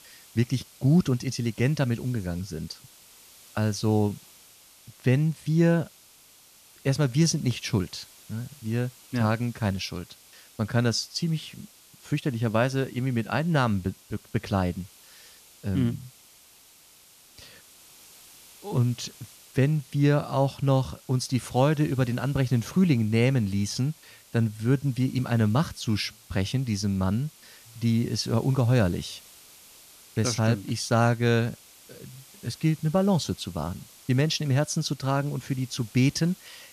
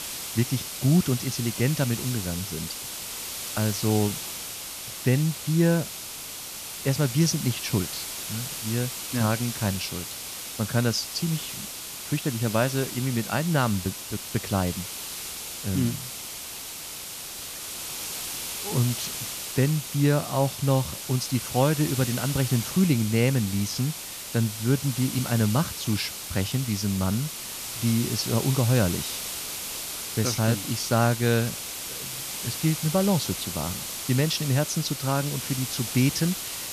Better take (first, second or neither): first